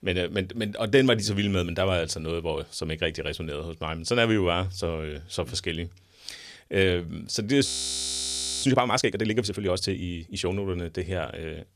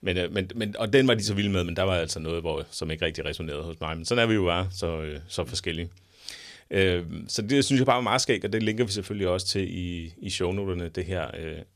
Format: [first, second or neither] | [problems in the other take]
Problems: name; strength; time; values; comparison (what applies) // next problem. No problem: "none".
second | audio freezing; at 7.5 s for 1 s